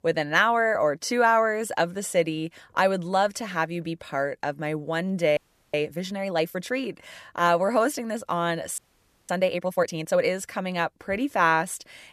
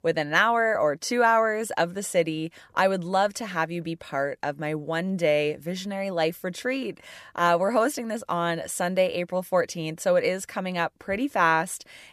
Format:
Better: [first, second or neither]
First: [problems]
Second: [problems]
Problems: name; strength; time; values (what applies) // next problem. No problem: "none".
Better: second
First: audio freezing; at 5.5 s and at 9 s for 0.5 s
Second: none